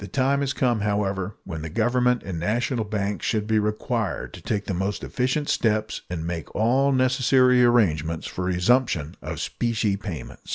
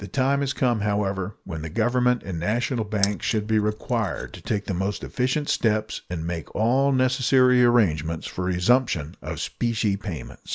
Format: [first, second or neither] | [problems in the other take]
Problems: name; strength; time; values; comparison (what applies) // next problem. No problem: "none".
first | background sound (Keys jangling); 13 dB below the speech